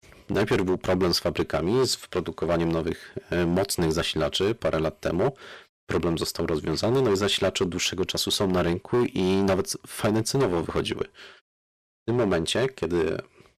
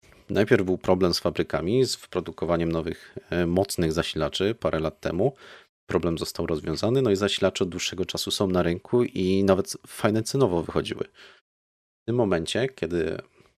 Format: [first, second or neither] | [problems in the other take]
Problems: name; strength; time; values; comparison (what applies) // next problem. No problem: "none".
second | distortion; heavy; 9% of the sound clipped